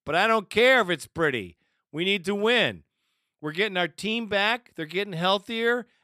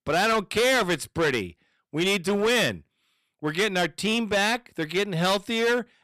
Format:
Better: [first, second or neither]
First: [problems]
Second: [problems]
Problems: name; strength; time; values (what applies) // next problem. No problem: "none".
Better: first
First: none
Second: distortion; heavy; 14% of the sound clipped